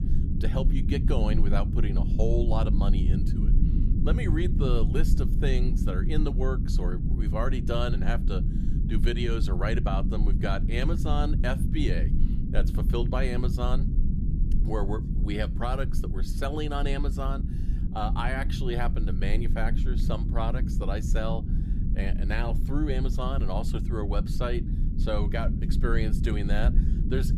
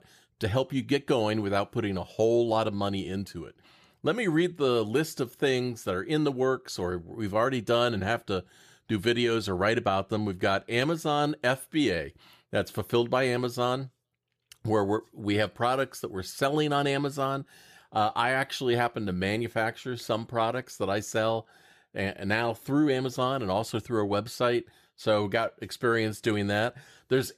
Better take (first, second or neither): second